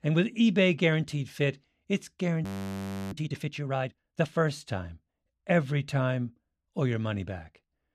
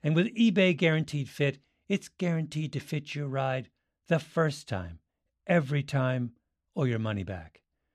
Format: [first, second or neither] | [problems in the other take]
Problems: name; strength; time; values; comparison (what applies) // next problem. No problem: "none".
second | audio freezing; at 2.5 s for 0.5 s